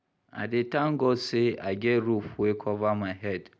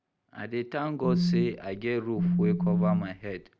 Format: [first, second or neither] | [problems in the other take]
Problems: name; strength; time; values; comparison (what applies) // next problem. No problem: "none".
first | background sound (Telephone); 5 dB above the speech